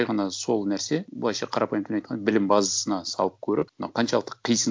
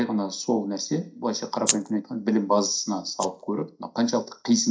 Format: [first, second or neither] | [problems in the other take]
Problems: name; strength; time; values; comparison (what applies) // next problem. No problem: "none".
first | noise reduction (neural mask model DeepFilterNet 3)